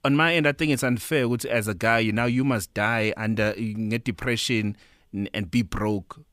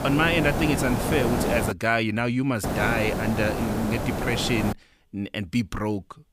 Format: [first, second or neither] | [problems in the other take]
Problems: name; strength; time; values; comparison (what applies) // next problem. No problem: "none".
first | hiss; loud; until 1.5 s and from 2.5 to 4.5 s; 2 dB below the speech